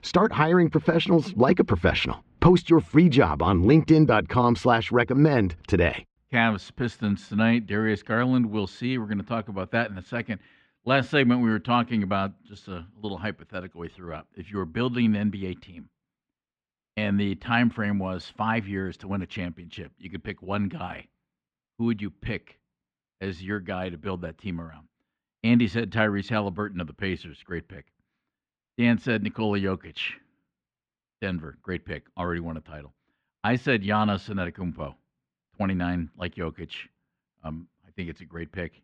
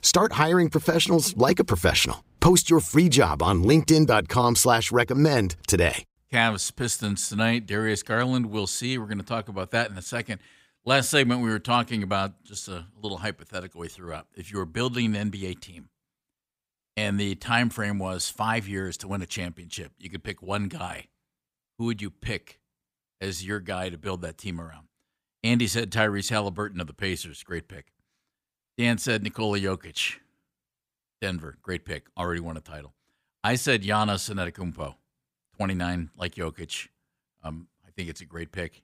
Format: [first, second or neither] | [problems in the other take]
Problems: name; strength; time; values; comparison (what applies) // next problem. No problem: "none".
second | muffled; very; fading above 3 kHz